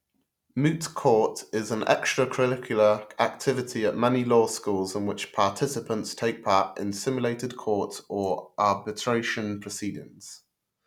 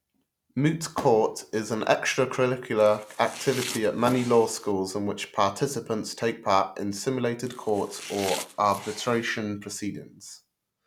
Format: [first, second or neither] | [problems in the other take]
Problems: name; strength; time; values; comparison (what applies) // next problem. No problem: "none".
first | background sound (Domestic sounds, home sounds + Fireworks); 13 dB below the speech